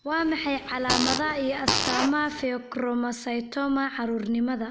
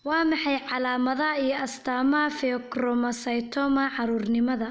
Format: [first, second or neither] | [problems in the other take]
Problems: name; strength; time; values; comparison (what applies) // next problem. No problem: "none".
second | background sound (Fart); 2 dB below the speech